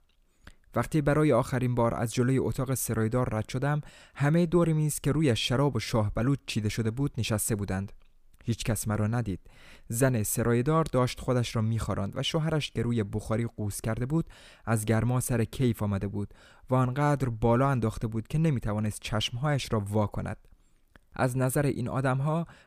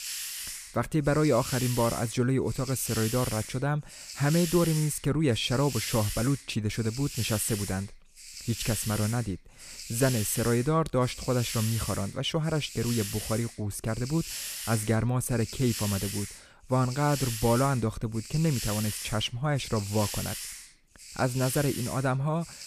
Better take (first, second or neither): first